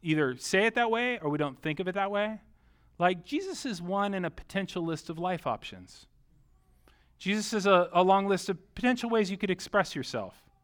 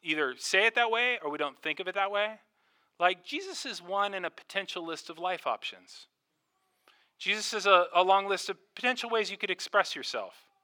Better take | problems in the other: first | thin; somewhat; fading below 500 Hz

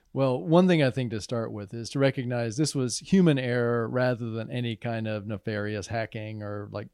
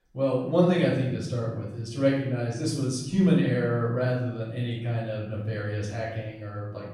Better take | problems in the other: first | off-mic speech; far // room echo; noticeable; dies away in 0.8 s

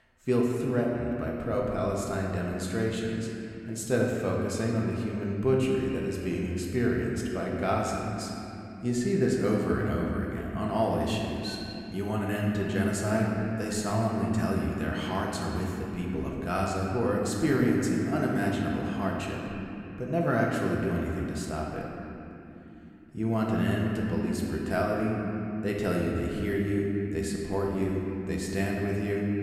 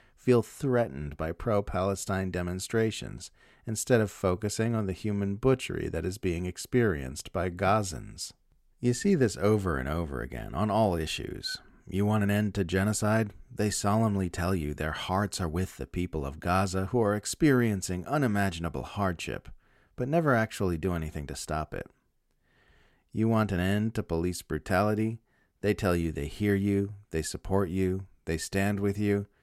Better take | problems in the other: second | room echo; noticeable; dies away in 3 s // off-mic speech; somewhat distant

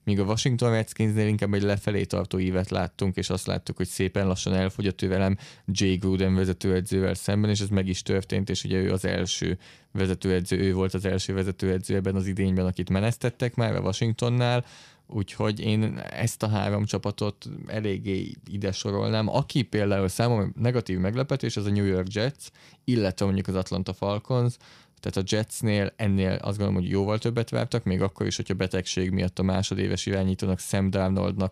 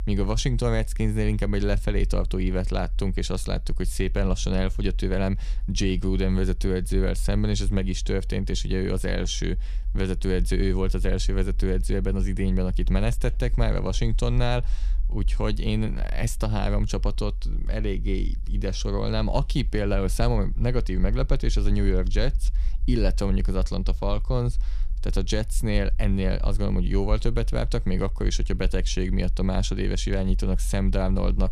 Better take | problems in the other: first | low rumble; faint; throughout; 25 dB below the speech

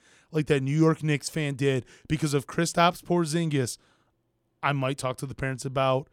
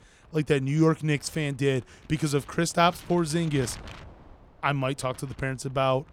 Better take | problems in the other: first | wind noise on the microphone; occasional gusts; 20 dB below the speech

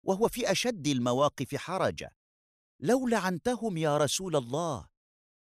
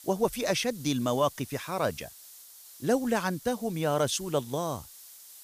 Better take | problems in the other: first | hiss; noticeable; throughout; 15 dB below the speech

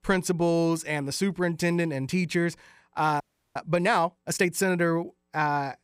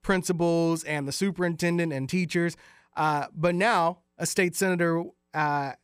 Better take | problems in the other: second | audio freezing; at 3 s

